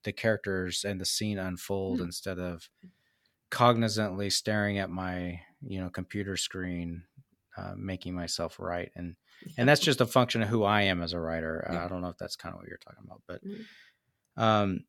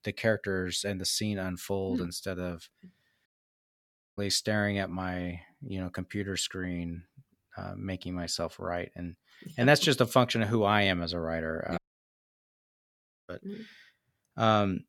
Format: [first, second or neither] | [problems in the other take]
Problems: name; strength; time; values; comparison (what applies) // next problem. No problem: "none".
first | audio cutting out; at 3.5 s for 1 s and at 12 s for 1.5 s